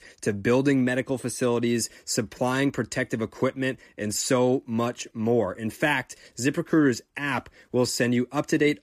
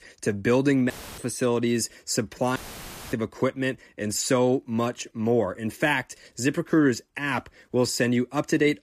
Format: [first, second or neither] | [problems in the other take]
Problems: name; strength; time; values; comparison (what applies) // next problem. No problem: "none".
first | audio cutting out; filled with static; at 1 s and at 2.5 s for 0.5 s